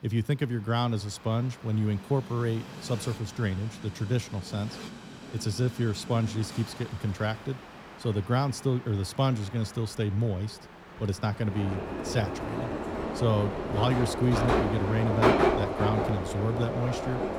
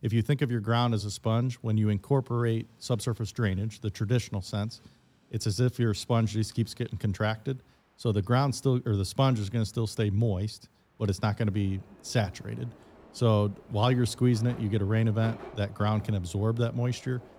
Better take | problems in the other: second | train or aircraft noise; loud; throughout; 2 dB below the speech; faint in the second

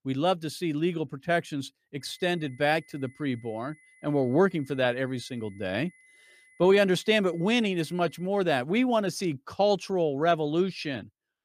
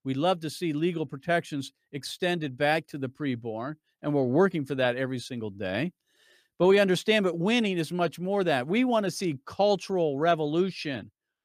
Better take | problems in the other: second | high-pitched whine; faint; from 2 to 8.5 s; 2 kHz, 30 dB below the speech

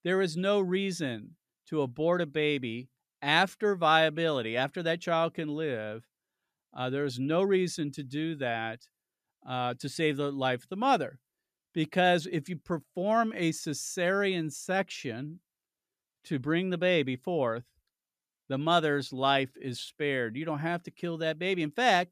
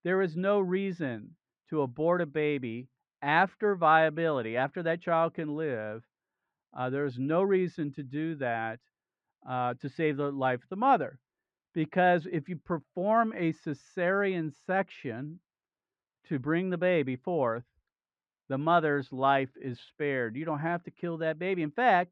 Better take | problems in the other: first | muffled; very; fading above 1.5 kHz

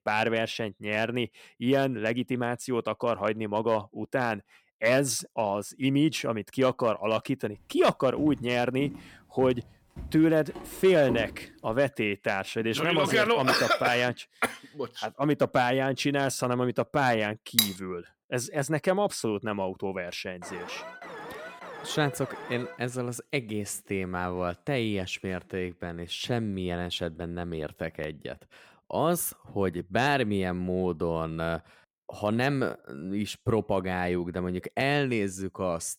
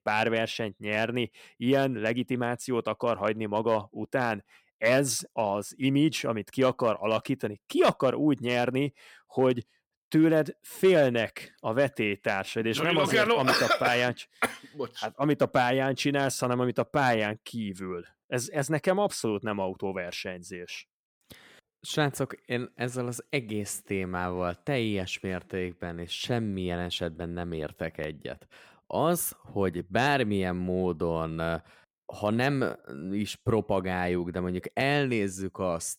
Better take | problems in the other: second | footsteps; noticeable; from 8 to 12 s; peak 6 dB below the speech // clattering dishes; loud; at 18 s; peak 4 dB above the speech // alarm; faint; from 20 to 23 s; peak 10 dB below the speech

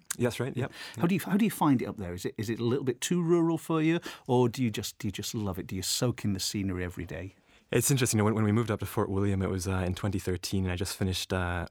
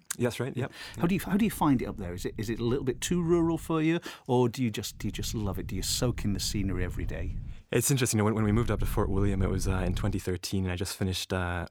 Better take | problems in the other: first | low rumble; faint; from 1 to 3.5 s, from 5 to 7.5 s and from 8.5 to 10 s; 25 dB below the speech

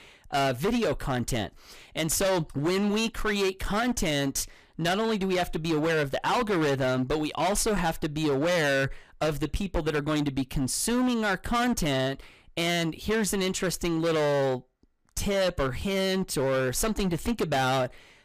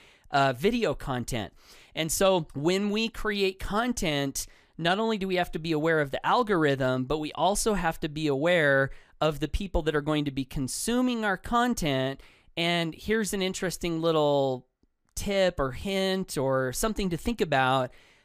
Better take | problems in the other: second | distortion; heavy; 19% of the sound clipped

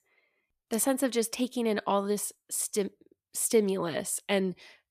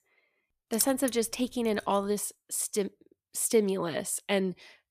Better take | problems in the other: first | jangling keys; noticeable; at 1 s; peak 3 dB below the speech

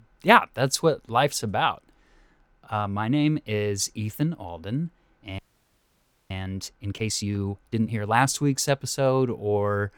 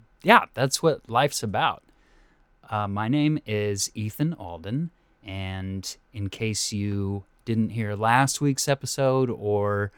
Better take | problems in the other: second | audio freezing; at 5.5 s for 1 s

